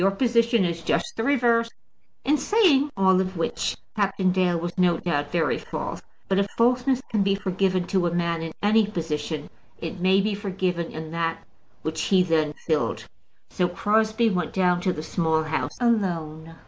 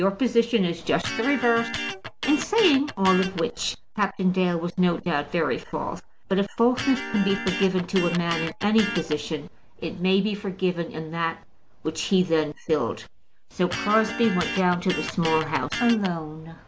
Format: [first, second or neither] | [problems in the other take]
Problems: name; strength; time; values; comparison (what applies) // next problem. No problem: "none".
first | background sound (Electric guitar); 8 dB below the speech